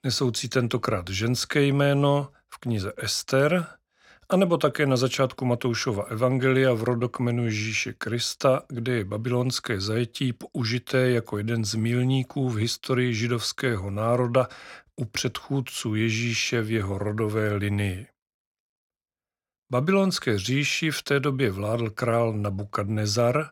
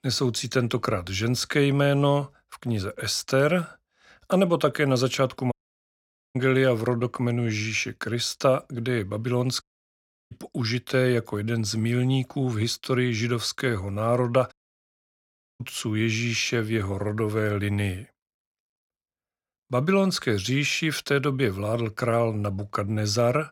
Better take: first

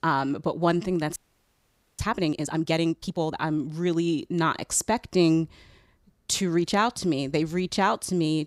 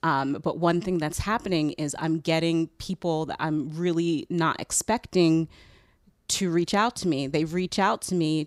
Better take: second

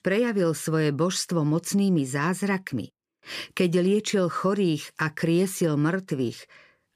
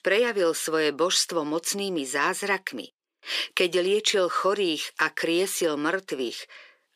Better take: first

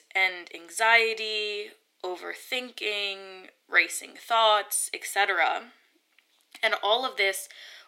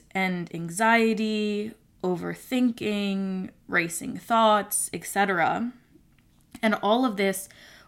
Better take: second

